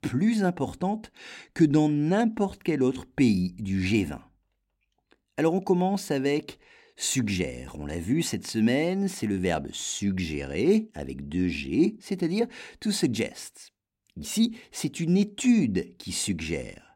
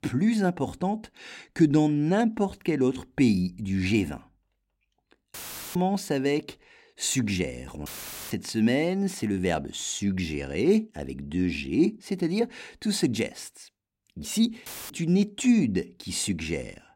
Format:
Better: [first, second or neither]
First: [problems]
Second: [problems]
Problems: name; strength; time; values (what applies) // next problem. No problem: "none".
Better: first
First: none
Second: audio cutting out; filled with static; at 5.5 s, at 8 s and at 15 s